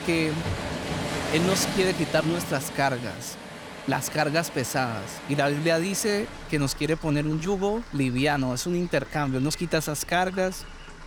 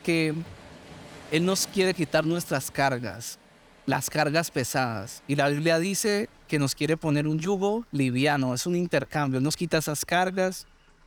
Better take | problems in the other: second | rain or running water; loud; throughout; 9 dB below the speech; faint in the second

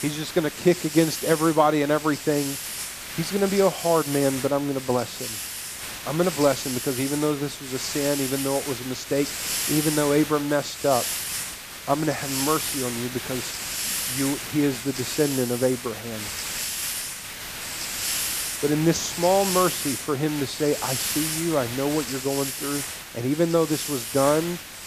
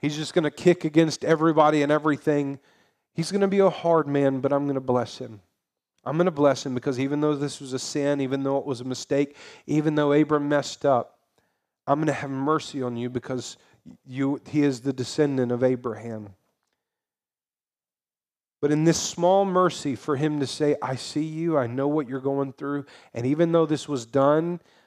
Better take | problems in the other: second | hiss; loud; throughout; 4 dB below the speech

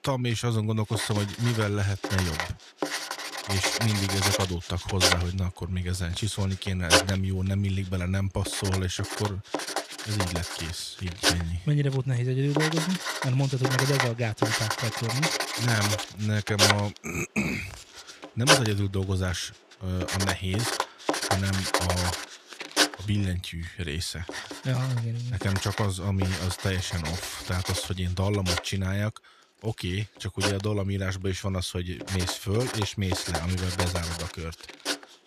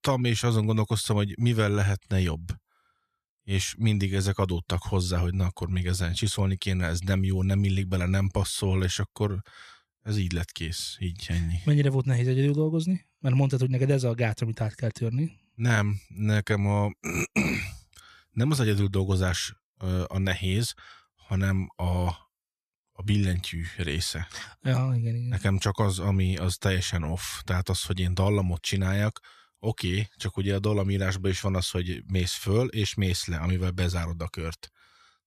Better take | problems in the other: second | household noises; very loud; throughout; as loud as the speech

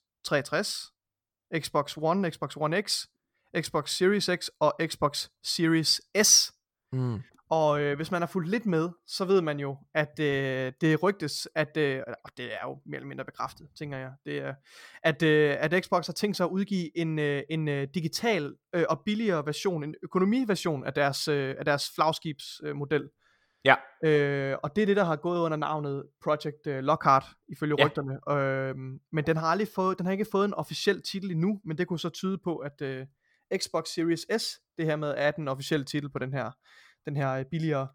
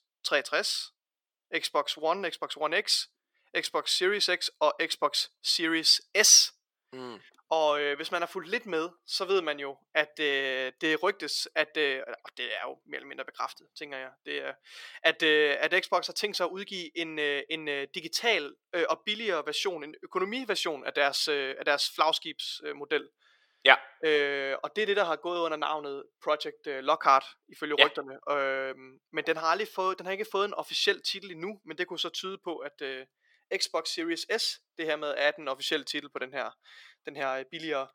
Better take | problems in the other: first | thin; very; fading below 350 Hz

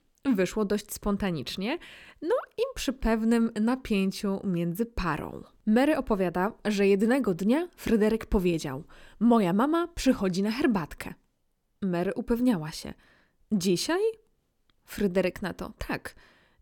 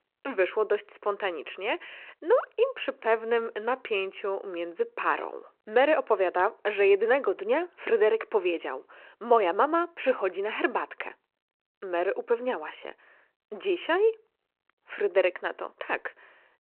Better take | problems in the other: first | phone-call audio

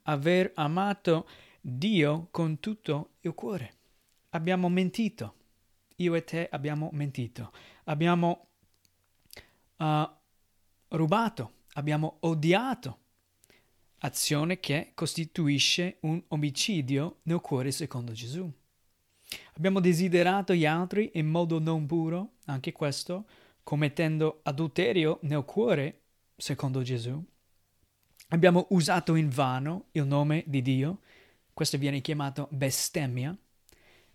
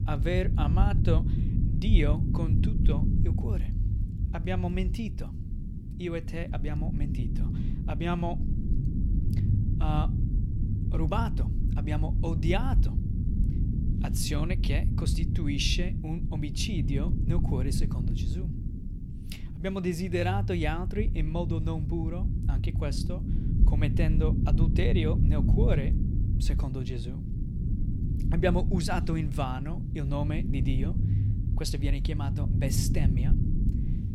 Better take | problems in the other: first | low rumble; loud; throughout; 6 dB below the speech

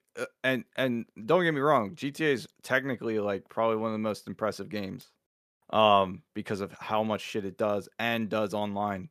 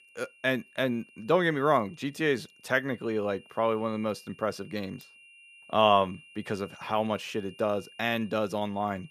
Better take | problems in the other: first | high-pitched whine; faint; throughout; 3 kHz, 25 dB below the speech

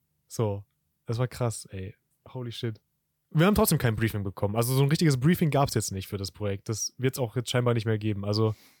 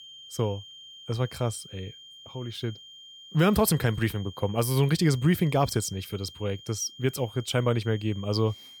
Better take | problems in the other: first | high-pitched whine; noticeable; throughout; 3 kHz, 20 dB below the speech

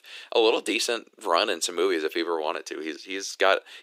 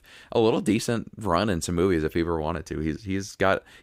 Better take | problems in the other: second | thin; very; fading below 350 Hz

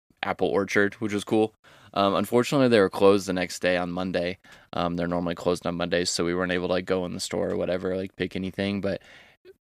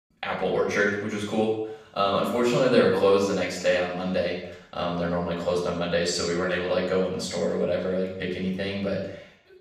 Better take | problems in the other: first | room echo; noticeable; dies away in 0.7 s // off-mic speech; far

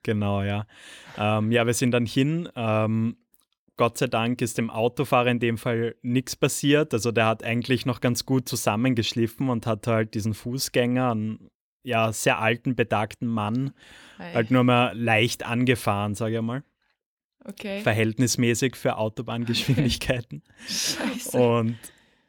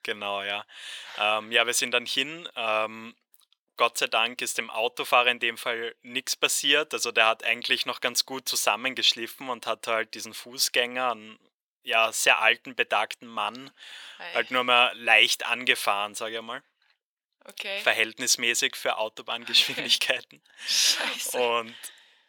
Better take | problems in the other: first | thin; very; fading below 750 Hz

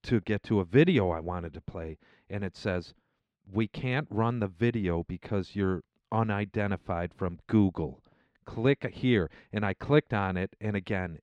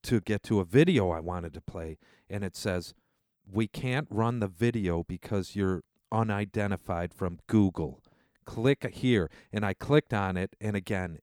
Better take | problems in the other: second | muffled; very slightly; fading above 3 kHz

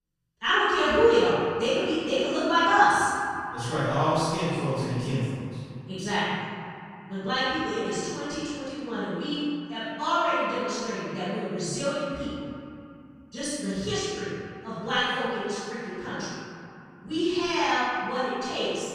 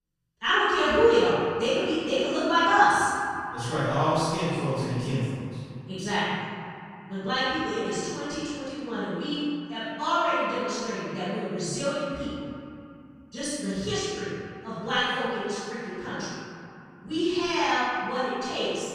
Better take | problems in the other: neither | off-mic speech; far; the same in both // room echo; strong; dies away in 2.5 s; the same in both

